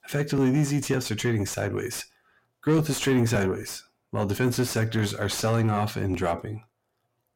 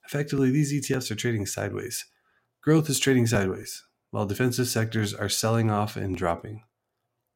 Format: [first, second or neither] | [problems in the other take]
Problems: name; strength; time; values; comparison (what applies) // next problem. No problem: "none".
second | distortion; slight; 10 dB below the speech